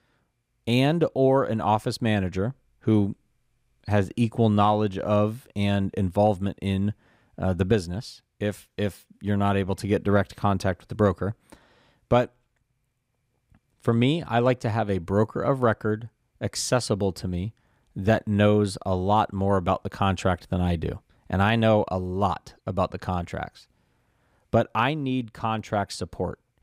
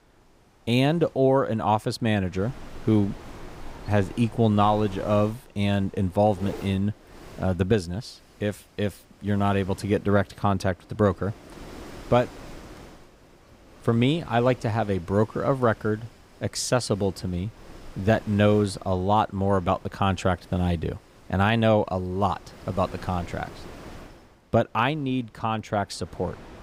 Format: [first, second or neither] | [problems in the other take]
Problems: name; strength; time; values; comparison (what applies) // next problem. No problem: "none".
first | wind noise on the microphone; occasional gusts; 20 dB below the speech